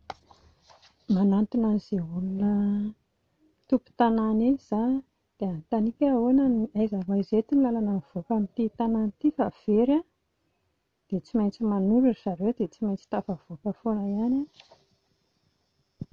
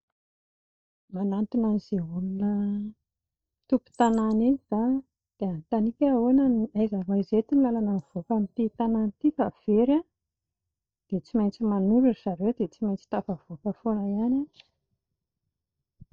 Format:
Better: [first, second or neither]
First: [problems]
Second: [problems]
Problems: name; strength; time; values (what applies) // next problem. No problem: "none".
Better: first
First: none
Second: noise reduction (neural mask model DeepFilterNet 3)